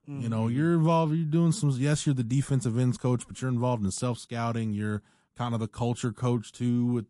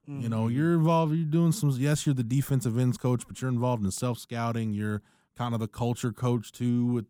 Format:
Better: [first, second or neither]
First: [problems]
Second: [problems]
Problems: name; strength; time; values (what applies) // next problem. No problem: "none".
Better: second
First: garbled, watery; slightly; nothing above 11 kHz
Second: none